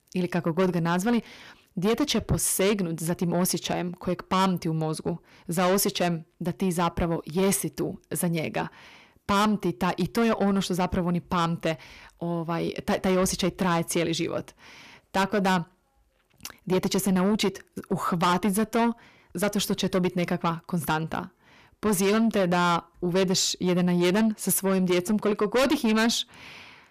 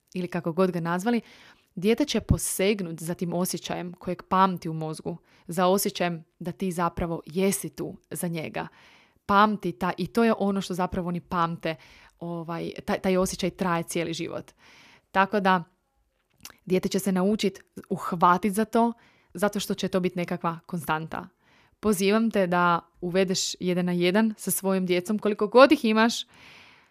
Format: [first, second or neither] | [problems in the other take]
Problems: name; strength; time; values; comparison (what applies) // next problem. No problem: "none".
second | distortion; heavy; 6 dB below the speech